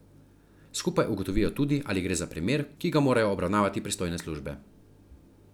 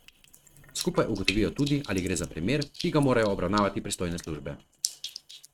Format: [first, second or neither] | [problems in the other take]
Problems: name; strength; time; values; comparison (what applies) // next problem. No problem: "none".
first | noise reduction (neural mask model RNNoise)